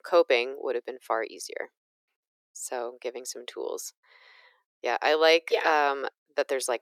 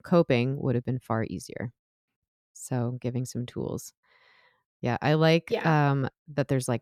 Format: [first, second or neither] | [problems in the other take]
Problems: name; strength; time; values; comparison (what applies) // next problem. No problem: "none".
second | thin; very; fading below 400 Hz